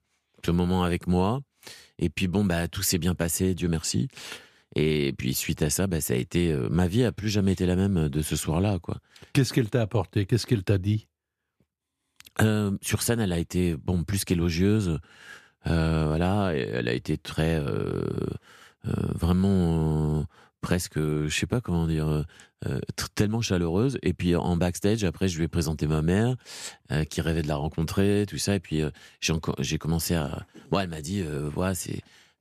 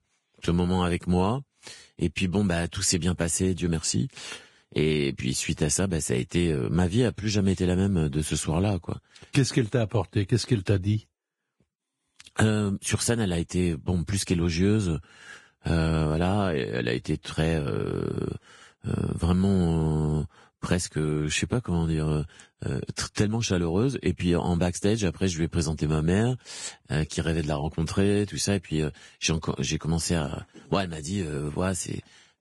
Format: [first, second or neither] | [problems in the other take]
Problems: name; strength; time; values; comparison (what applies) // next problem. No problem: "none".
first | garbled, watery; badly; nothing above 11 kHz